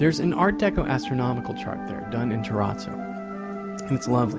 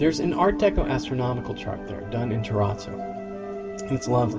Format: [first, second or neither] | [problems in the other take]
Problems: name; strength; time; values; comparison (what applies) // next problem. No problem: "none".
first | room echo; dies away in 1.8 s